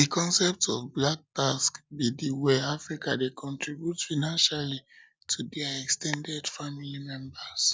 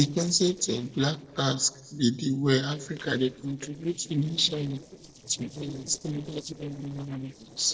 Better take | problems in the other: first | noise reduction (neural separator model SepFormer DNS4)

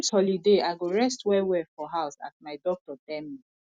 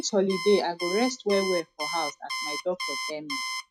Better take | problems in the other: first | noise reduction (classical method log-MMSE)

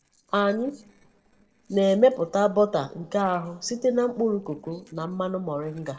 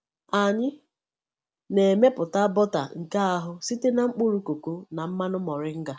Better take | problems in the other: second | noise reduction (neural separator model SepFormer DNS4)

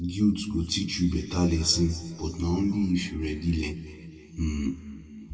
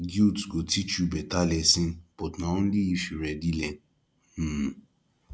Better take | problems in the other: second | room echo; dies away in 2.3 s

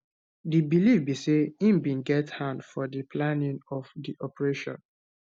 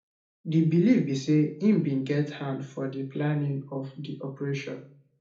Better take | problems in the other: first | room echo; dies away in 0.4 s

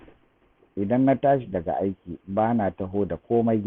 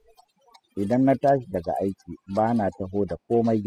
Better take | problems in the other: first | noise reduction (classical method spectral subtraction)

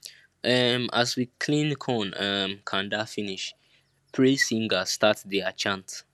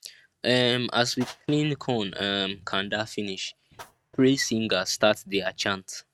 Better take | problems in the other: first | noise reduction (neural mask model RNNoise)

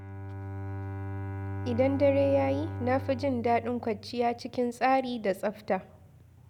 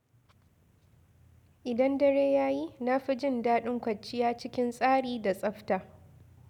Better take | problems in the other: second | background sound (Bowed string instrument); 8 dB below the speech

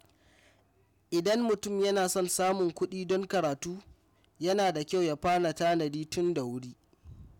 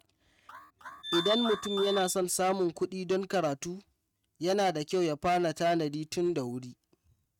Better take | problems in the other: first | noise reduction (neural mask model RNNoise)

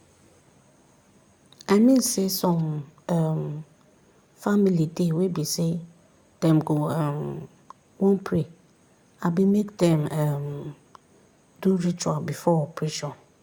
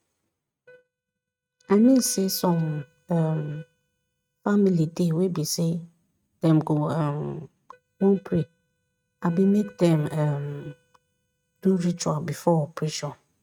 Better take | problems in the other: first | noise reduction (neural mask model RNNoise)

